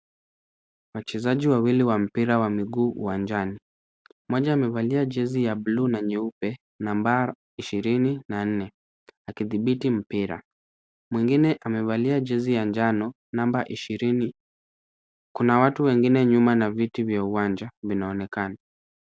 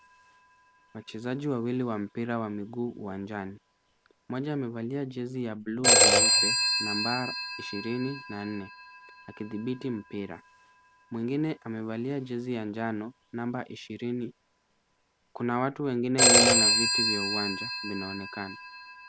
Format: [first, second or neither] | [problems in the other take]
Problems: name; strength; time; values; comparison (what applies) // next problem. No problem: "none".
first | background sound (Telephone); 4 dB above the speech